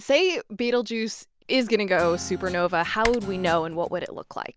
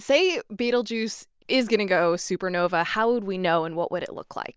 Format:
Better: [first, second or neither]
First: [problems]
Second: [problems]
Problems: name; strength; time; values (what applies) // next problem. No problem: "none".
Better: second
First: background sound (Guitar + Typing); 13 dB below the speech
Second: none